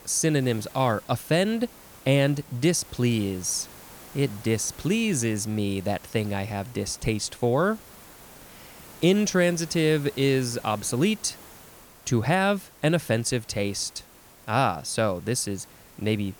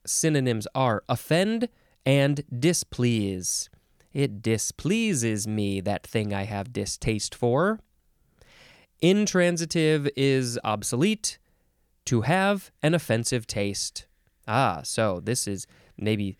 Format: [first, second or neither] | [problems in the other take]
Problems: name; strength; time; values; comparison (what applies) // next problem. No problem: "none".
second | hiss; faint; throughout; 20 dB below the speech